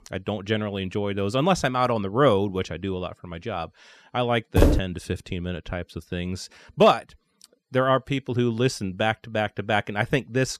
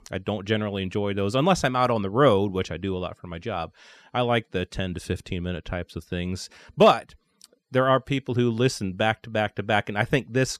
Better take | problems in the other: second | footsteps; loud; at 4.5 s; peak 4 dB above the speech

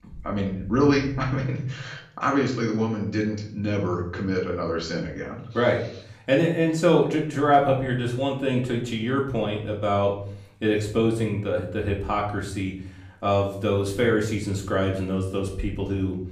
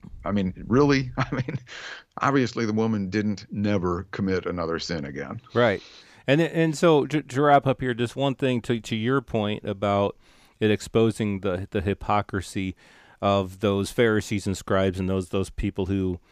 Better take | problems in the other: second | room echo; slight; dies away in 0.5 s // off-mic speech; far

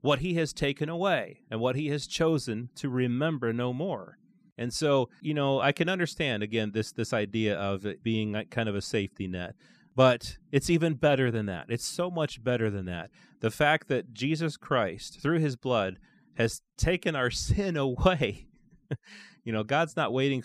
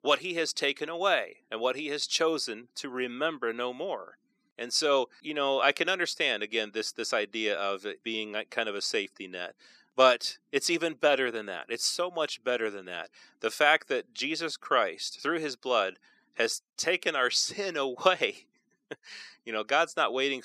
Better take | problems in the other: first | thin; somewhat; fading below 350 Hz

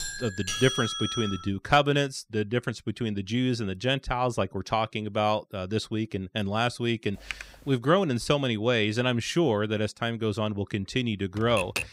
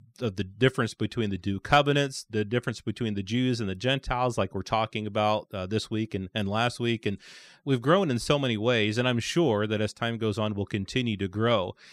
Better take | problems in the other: second | doorbell; noticeable; until 1.5 s; peak 2 dB below the speech // keyboard typing; faint; at 7.5 s; peak 10 dB below the speech // keyboard typing; noticeable; at 11 s; peak 4 dB below the speech

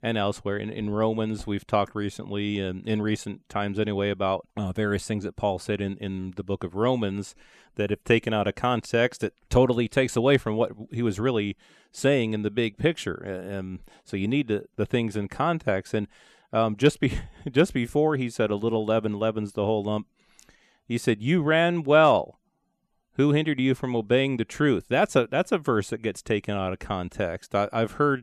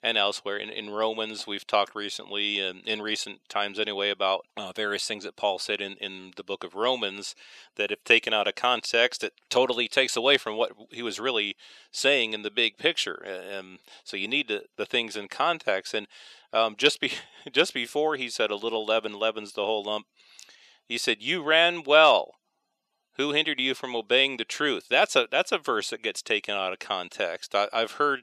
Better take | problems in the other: first | thin; somewhat; fading below 500 Hz

